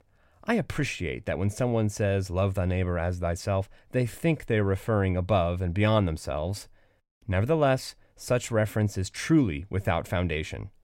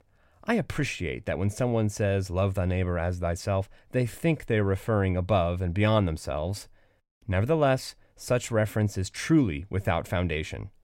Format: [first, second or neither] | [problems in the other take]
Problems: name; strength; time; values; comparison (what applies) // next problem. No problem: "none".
neither | none